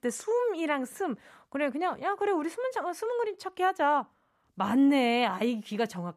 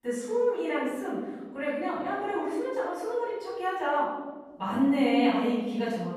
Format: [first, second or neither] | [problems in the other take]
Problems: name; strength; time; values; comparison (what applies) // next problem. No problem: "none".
first | off-mic speech; far // room echo; strong; dies away in 1.2 s